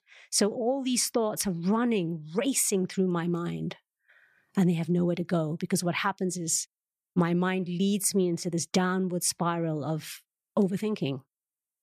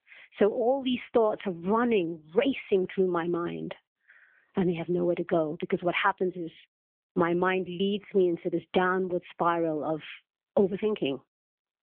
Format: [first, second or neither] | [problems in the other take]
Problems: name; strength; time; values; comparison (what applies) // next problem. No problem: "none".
first | phone-call audio; nothing above 3.5 kHz